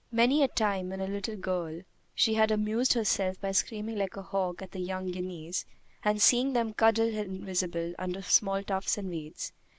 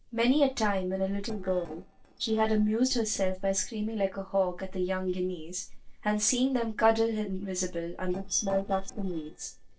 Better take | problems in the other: first | noise reduction (neural separator model SepFormer DNS4)

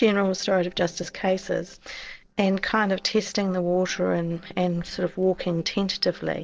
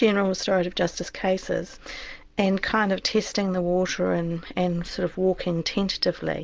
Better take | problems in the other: second | noise reduction (neural separator model SepFormer DNS4)

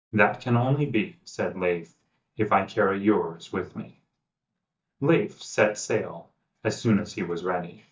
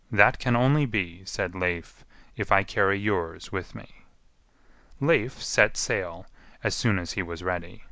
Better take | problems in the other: second | noise reduction (neural mask model DeepFilterNet 3)

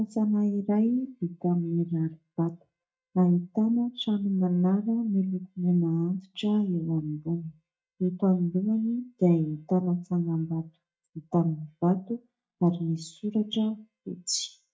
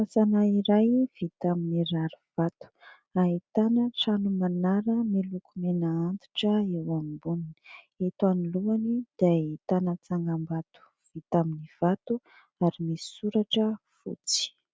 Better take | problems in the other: second | noise reduction (neural mask model DeepFilterNet 3)

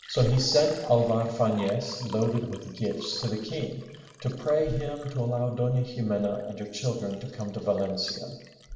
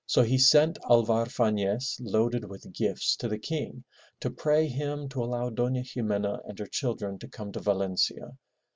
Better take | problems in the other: second | background sound (Liquid); 18 dB below the speech // room echo; dies away in 1 s

